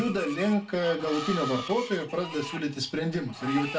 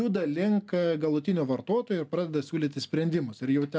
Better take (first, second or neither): second